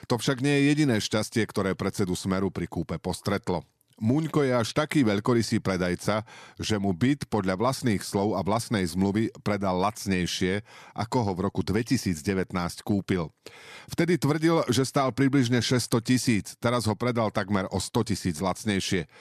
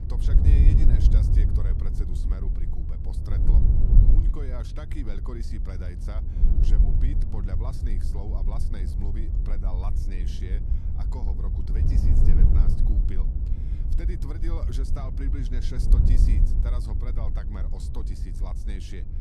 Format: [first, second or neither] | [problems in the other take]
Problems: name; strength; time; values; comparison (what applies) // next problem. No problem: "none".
first | wind noise on the microphone; heavy; 1 dB above the speech